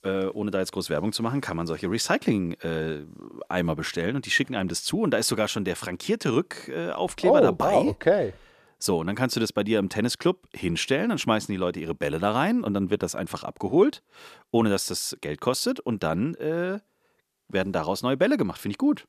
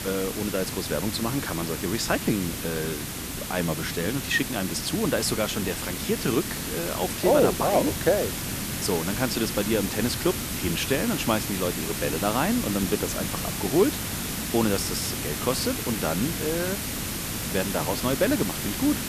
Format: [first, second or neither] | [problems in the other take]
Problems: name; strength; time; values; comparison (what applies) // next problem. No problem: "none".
first | hiss; loud; throughout; 3 dB below the speech